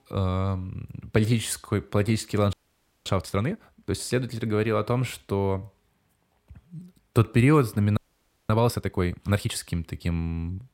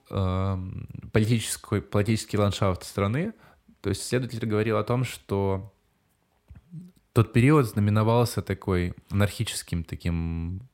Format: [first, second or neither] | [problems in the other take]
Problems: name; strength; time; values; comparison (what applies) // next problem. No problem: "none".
second | audio freezing; at 2.5 s for 0.5 s and at 8 s for 0.5 s